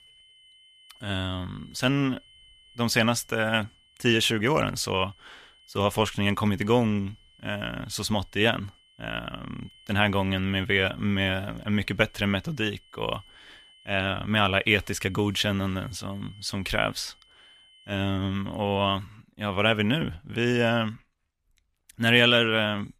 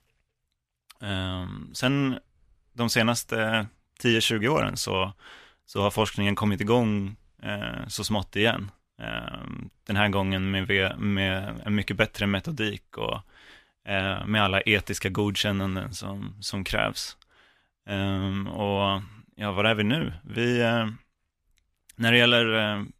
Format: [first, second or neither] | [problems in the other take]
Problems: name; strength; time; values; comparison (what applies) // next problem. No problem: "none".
second | high-pitched whine; faint; until 19 s; 3 kHz, 30 dB below the speech